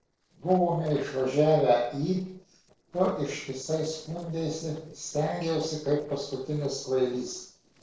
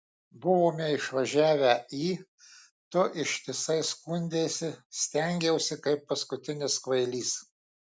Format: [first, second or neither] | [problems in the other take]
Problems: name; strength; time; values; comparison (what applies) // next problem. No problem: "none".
second | noise reduction (neural separator model SepFormer DNS4)